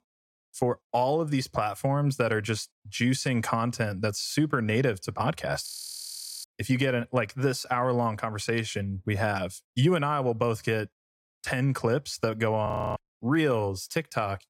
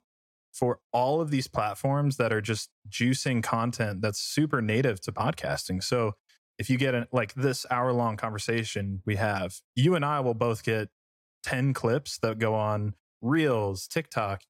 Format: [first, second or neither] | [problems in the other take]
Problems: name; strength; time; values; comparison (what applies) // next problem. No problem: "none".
second | audio freezing; at 5.5 s for 1 s and at 13 s